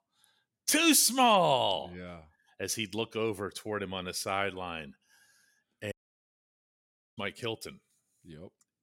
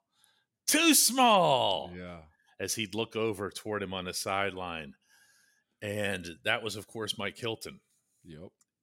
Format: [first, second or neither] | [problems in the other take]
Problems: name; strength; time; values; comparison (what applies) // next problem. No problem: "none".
second | audio cutting out; at 6 s for 1.5 s